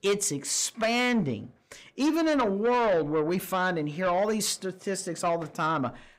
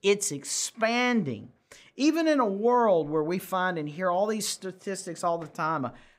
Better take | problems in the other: second | distortion; slight; 10 dB below the speech

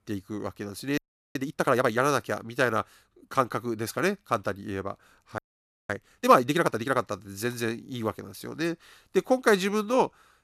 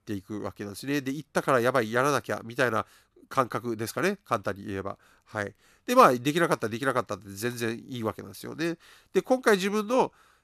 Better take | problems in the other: second | audio freezing; at 1 s and at 5.5 s for 0.5 s

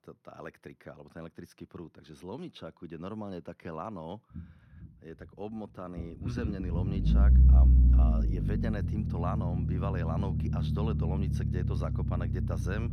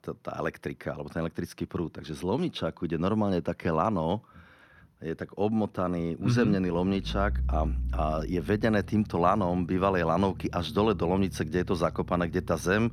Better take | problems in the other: second | low rumble; loud; from 4.5 s on; as loud as the speech; faint in the second

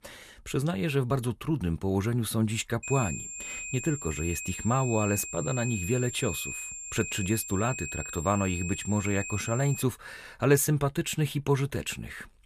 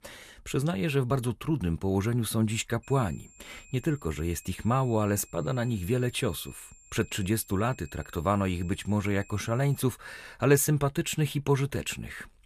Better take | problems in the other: second | high-pitched whine; loud; from 3 to 10 s; 7.5 kHz, 7 dB below the speech; faint in the second

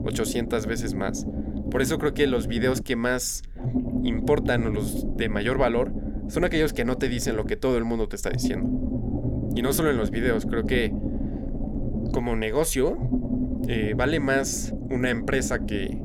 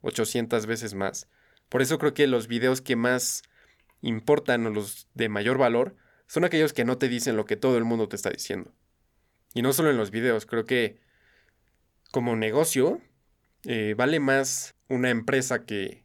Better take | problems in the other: second | low rumble; loud; throughout; 9 dB below the speech

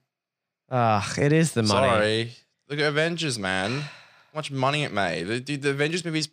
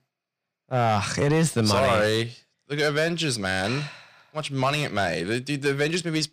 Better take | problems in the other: first | distortion; slight; 4% of the sound clipped

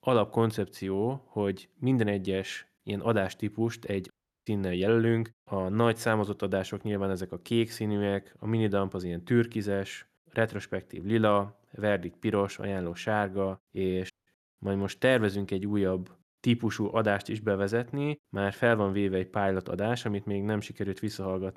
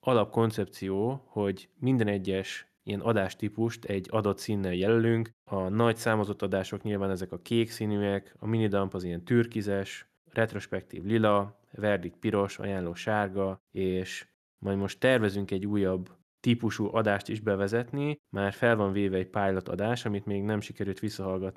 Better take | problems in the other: second | audio cutting out; at 4 s and at 14 s

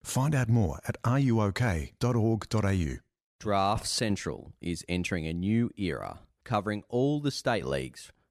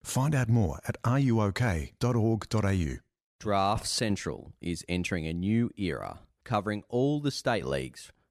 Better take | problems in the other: neither | none

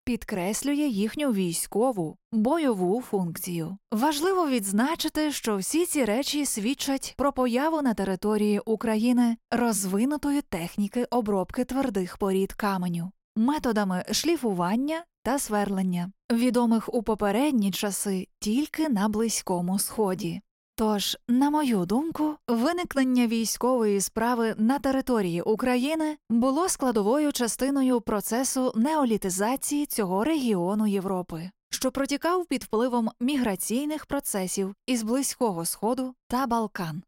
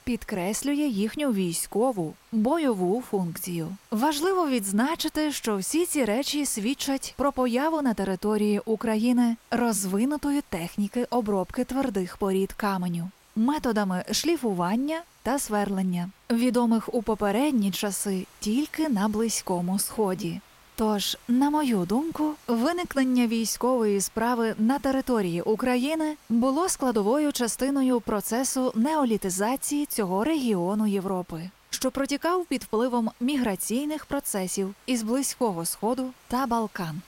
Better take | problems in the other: first | hiss; faint; throughout; 30 dB below the speech

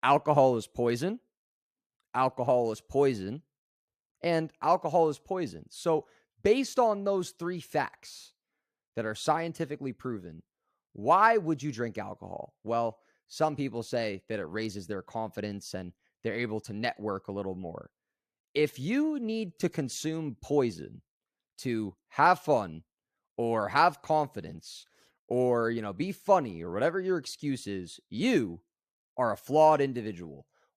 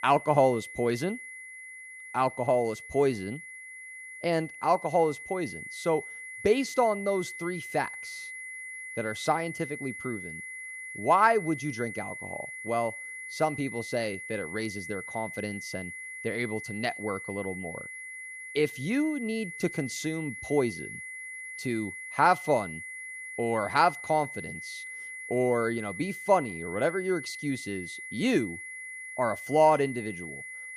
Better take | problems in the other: first | high-pitched whine; loud; throughout; 2 kHz, 10 dB below the speech

